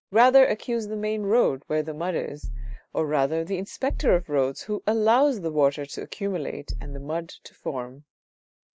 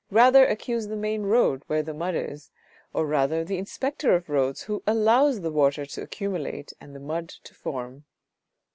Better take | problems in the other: second | noise reduction (neural mask model DeepFilterNet 3)

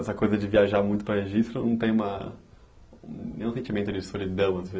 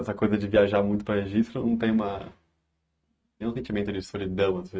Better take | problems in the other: first | noise reduction (neural mask model RNNoise)

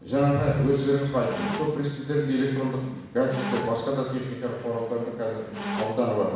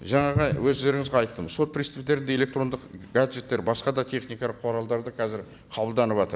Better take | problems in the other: second | background sound (Squeak); 11 dB below the speech // room echo; dies away in 1.1 s

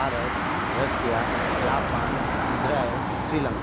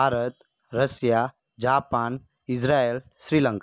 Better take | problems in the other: second | background sound (Motor vehicle (road)); 4 dB above the speech

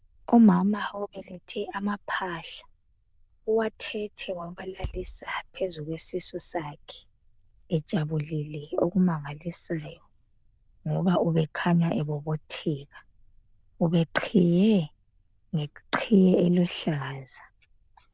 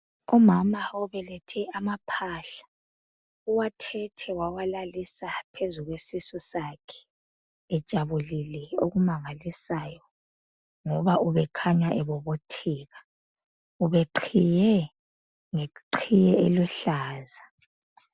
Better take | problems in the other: second | noise reduction (neural diffusion model UNIVERSE++)

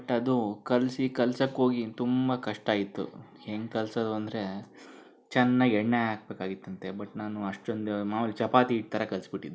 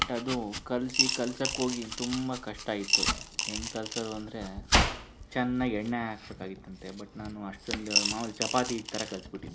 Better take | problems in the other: first | background sound (Coin (dropping) / Glass + Domestic sounds, home sounds); 1 dB above the speech

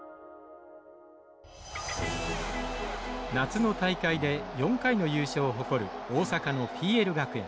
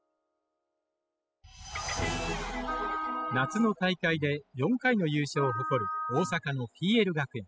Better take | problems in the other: first | noise reduction (classical method spectral subtraction)

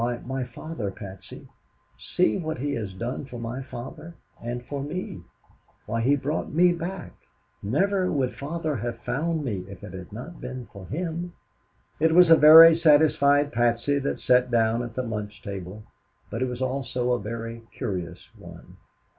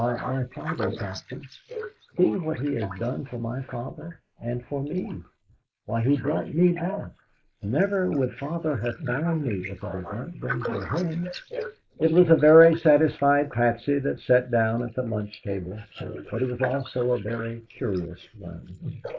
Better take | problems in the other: first | noise reduction (neural mask model Resemble Enhance denoiser)

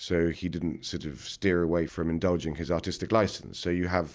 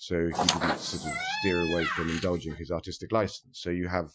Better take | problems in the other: first | noise reduction (classical method Wiener filter)

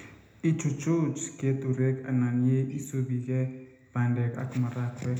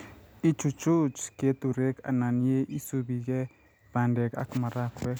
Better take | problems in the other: second | room echo; dies away in 0.8 s

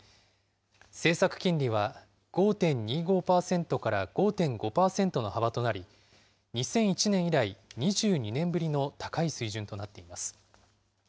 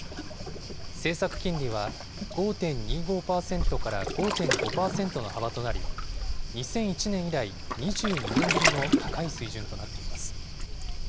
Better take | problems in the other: first | background sound (Waves, surf); 1 dB above the speech

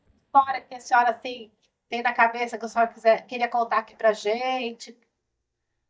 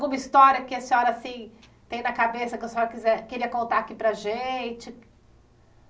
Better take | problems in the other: second | noise reduction (neural mask model DeepFilterNet 3)

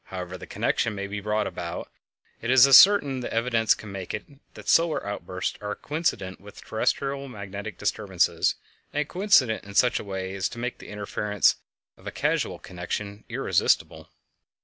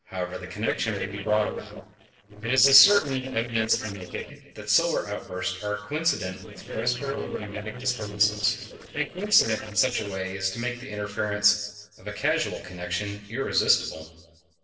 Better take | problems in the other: first | noise reduction (neural separator model SepFormer DNS4)

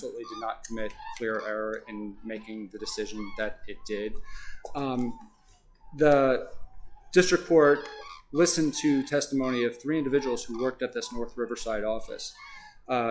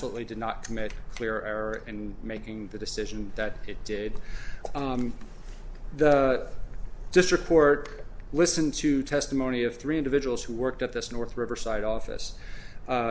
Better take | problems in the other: second | noise reduction (classical method log-MMSE)

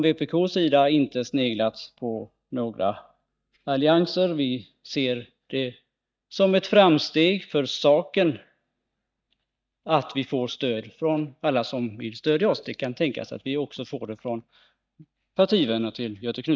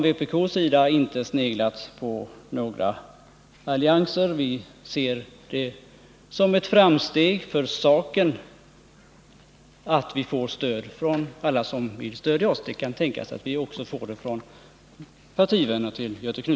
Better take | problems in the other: second | noise reduction (neural mask model DeepFilterNet 3)

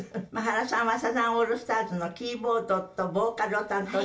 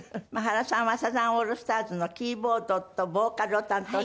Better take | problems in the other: second | room echo; dies away in 0.2 s

